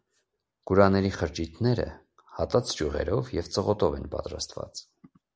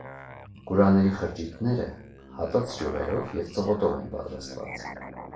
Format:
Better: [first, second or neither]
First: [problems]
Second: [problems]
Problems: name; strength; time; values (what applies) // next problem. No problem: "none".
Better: first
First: none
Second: background sound (Musical instrument); 14 dB below the speech // room echo; dies away in 0.3 s